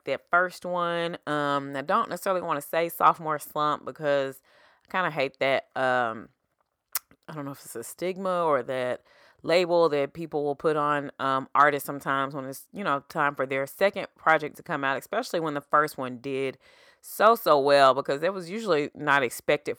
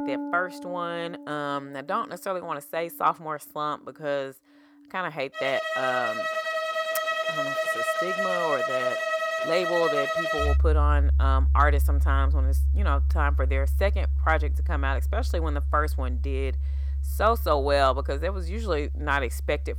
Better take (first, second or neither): first